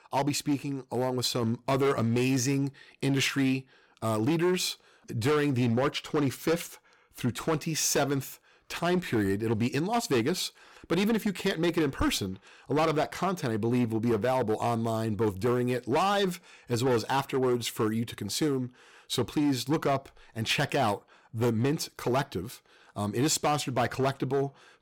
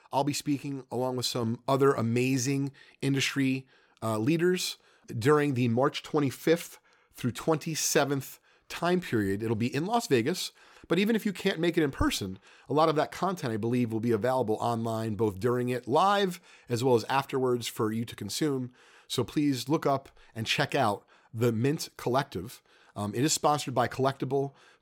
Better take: second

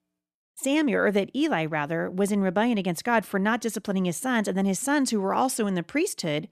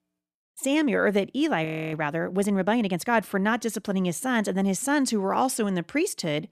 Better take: first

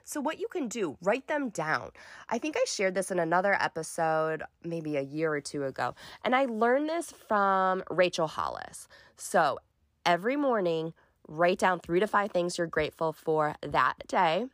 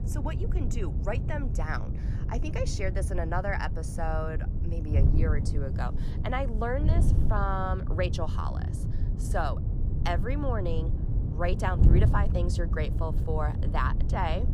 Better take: first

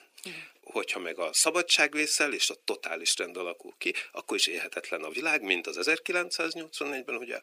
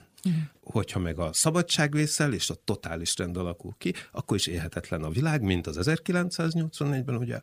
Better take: second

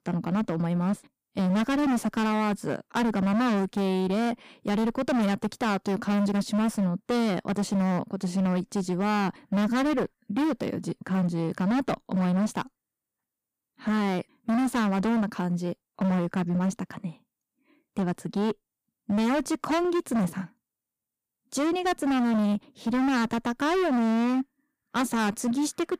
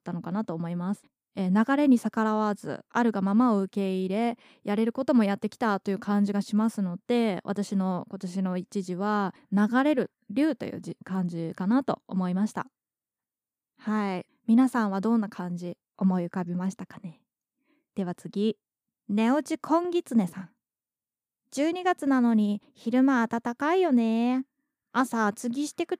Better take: second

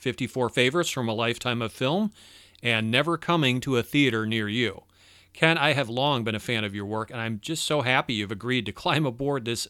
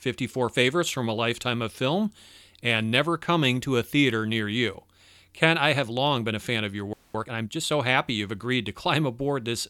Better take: first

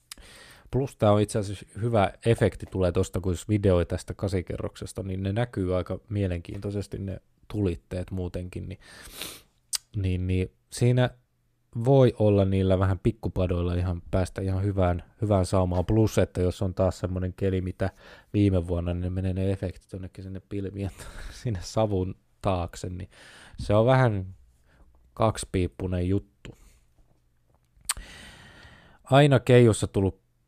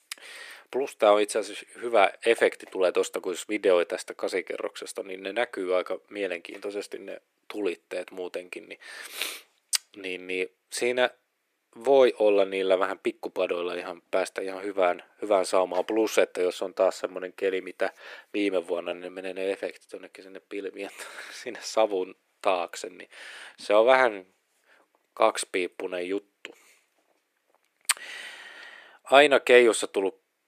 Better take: first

